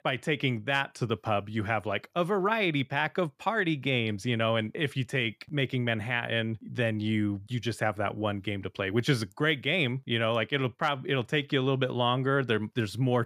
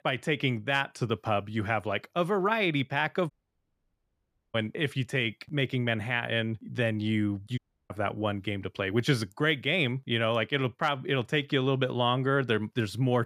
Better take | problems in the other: first | audio cutting out; at 3.5 s for 1 s and at 7.5 s

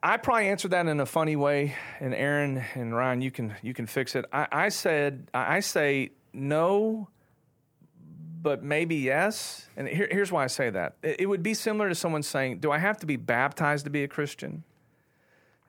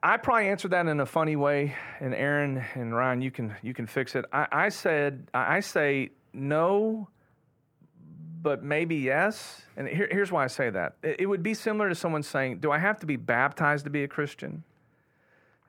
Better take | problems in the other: first | muffled; very slightly; fading above 3.5 kHz

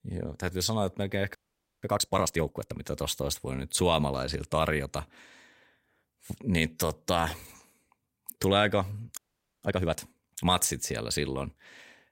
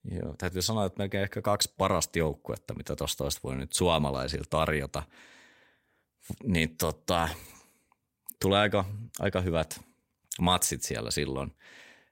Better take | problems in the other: second | audio freezing; at 1.5 s and at 9 s

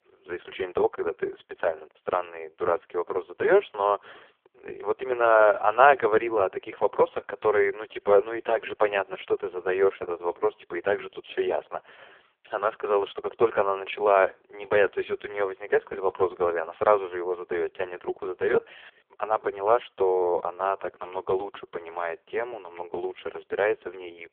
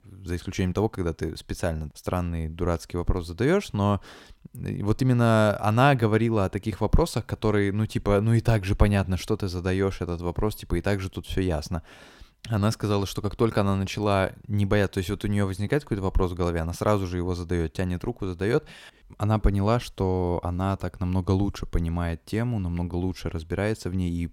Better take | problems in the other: second | phone-call audio; poor line

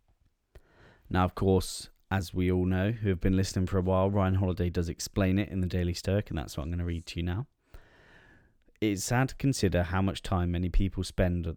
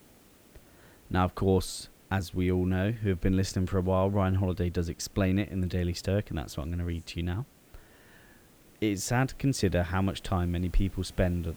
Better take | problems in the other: first | hiss; faint; throughout; 25 dB below the speech

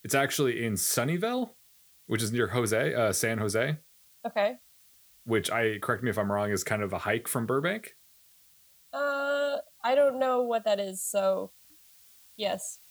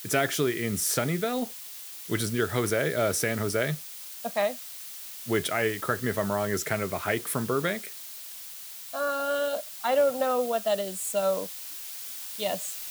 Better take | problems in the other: first | hiss; loud; throughout; 9 dB below the speech; faint in the first

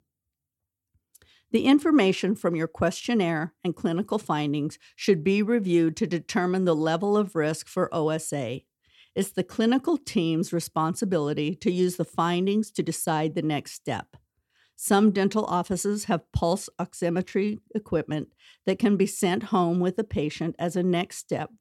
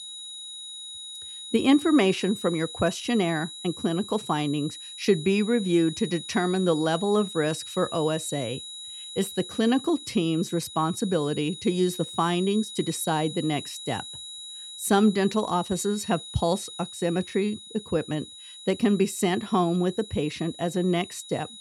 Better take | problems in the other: first | high-pitched whine; noticeable; throughout; 4 kHz, 10 dB below the speech

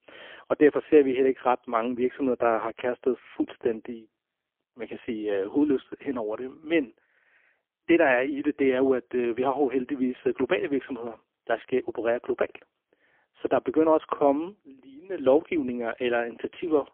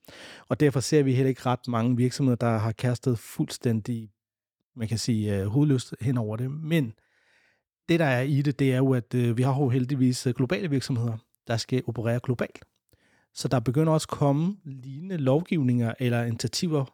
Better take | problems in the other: second | phone-call audio; poor line; nothing above 3 kHz

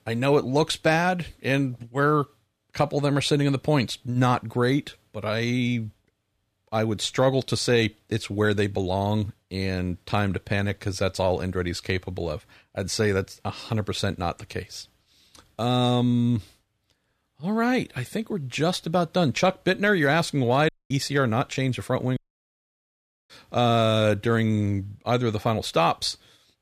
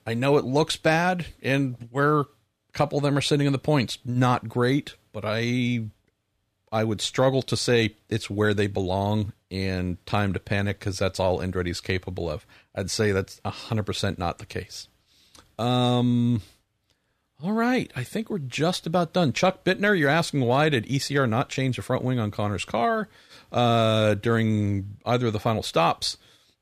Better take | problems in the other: second | audio cutting out; at 21 s and at 22 s for 1 s

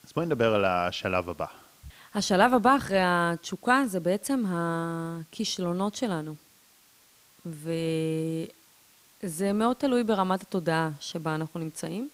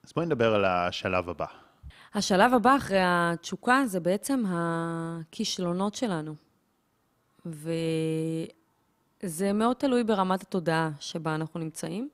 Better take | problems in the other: second | hiss; faint; throughout; 30 dB below the speech

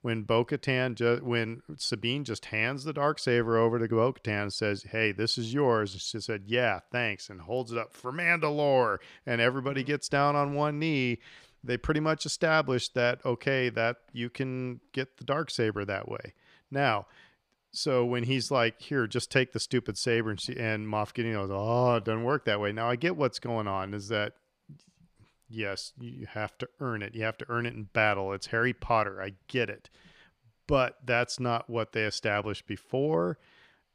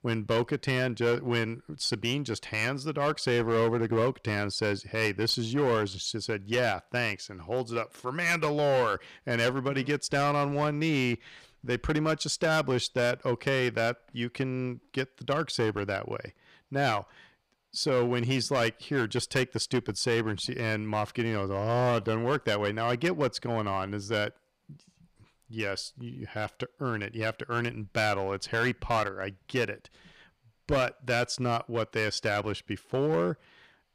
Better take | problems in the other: first | distortion; slight; 6% of the sound clipped

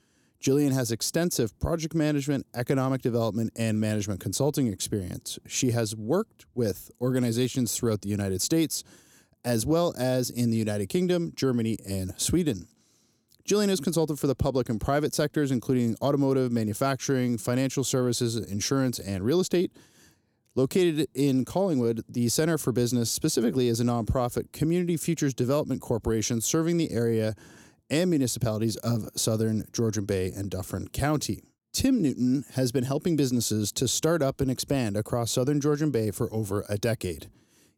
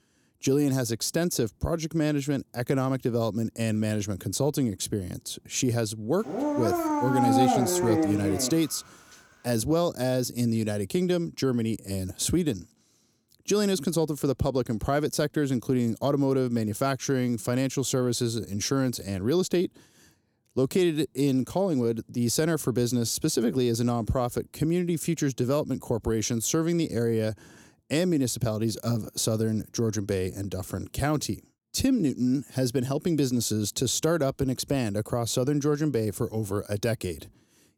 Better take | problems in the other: first | dog barking; loud; from 6.5 to 8.5 s; peak 5 dB above the speech

